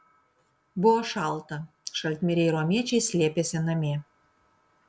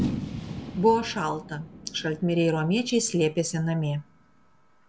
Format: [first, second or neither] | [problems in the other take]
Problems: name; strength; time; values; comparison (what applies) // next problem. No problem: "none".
first | background sound (Fireworks); 10 dB below the speech